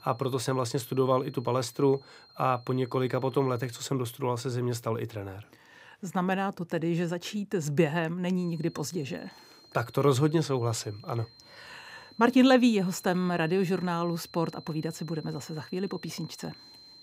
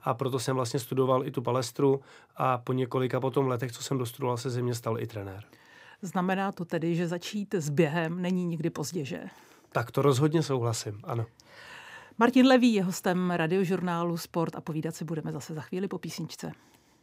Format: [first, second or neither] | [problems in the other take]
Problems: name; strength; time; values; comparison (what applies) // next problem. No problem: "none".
second | high-pitched whine; faint; until 4 s and from 8.5 s on; 4 kHz, 25 dB below the speech